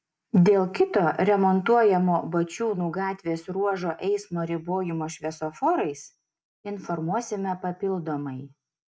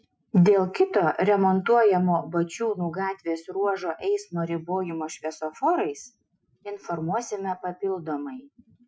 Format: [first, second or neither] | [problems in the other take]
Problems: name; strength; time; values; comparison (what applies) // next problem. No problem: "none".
first | noise reduction (classical method Wiener filter)